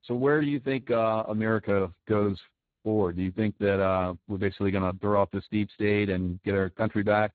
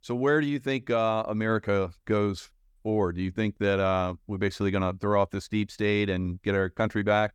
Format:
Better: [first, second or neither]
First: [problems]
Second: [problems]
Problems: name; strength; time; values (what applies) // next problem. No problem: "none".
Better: second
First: garbled, watery; badly; nothing above 4 kHz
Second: none